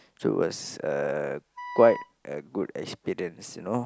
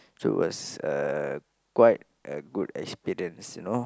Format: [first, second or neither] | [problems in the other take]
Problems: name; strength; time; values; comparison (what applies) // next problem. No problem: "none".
second | background sound (Wind instrument, woodwind instrument); 11 dB below the speech